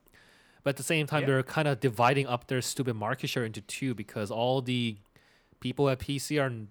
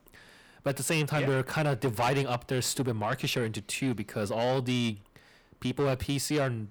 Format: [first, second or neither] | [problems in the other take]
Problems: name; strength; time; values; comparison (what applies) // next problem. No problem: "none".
first | distortion; heavy; 7 dB below the speech